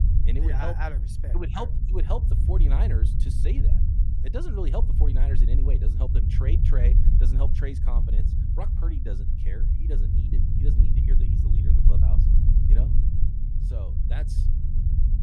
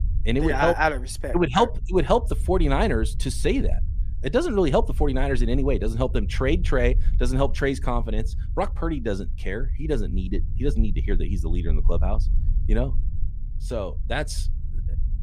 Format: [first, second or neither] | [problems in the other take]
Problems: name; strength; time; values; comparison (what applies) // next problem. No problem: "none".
second | low rumble; loud; throughout; 3 dB below the speech; faint in the second